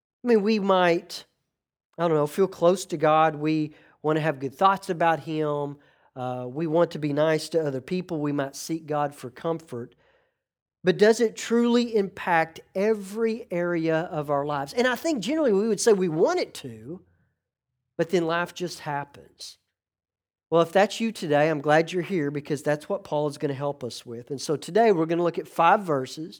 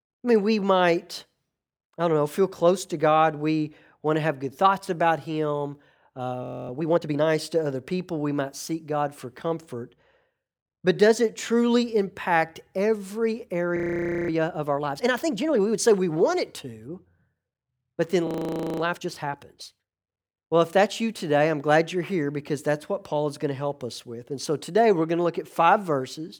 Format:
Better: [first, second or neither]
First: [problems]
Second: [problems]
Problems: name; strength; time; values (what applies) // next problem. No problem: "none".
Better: first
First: none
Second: audio freezing; at 6.5 s, at 14 s for 0.5 s and at 18 s for 0.5 s